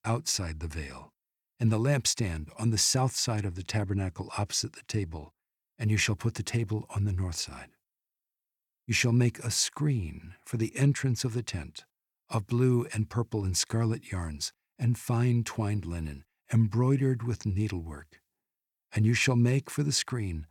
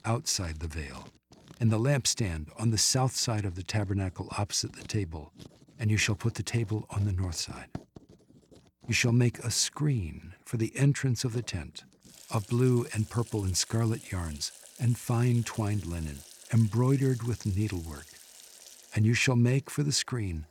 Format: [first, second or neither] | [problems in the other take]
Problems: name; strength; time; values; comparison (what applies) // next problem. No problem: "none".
first | household noises; faint; throughout; 20 dB below the speech